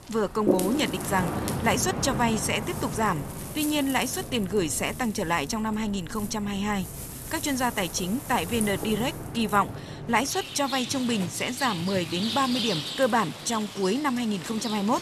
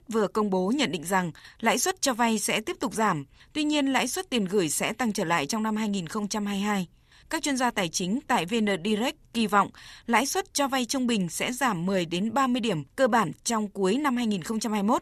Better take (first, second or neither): second